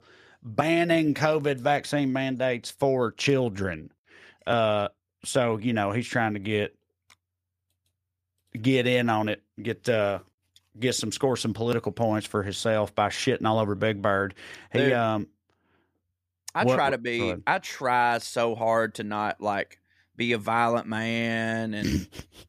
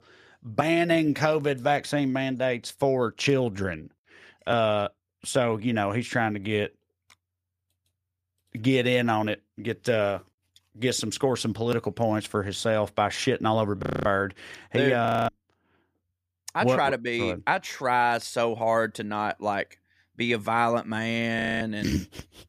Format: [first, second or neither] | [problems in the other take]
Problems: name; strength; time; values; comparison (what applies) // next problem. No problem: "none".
first | audio freezing; at 14 s, at 15 s and at 21 s